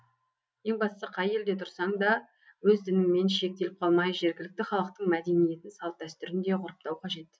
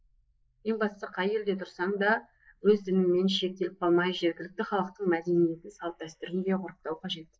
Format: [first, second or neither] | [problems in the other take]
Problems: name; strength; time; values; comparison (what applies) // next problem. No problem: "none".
first | noise reduction (neural mask model Resemble Enhance denoiser)